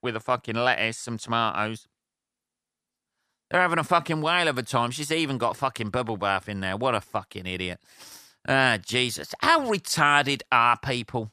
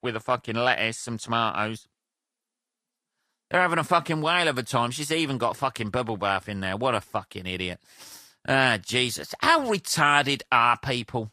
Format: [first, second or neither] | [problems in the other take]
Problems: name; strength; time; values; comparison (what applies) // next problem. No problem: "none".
first | garbled, watery; slightly; nothing above 14.5 kHz